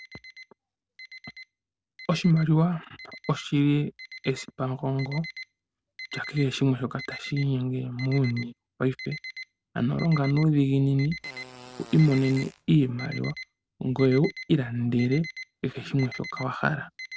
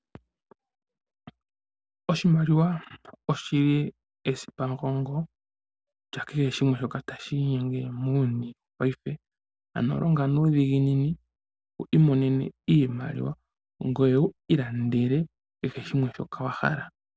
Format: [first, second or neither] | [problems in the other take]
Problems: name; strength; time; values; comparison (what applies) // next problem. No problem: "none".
second | background sound (Alarm + Fart); 16 dB below the speech